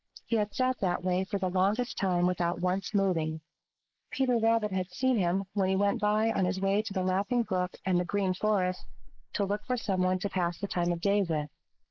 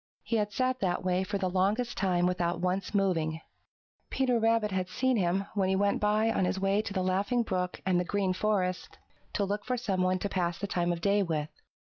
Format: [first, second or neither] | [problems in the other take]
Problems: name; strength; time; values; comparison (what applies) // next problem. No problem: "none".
second | noise reduction (neural mask model Resemble Enhance denoiser)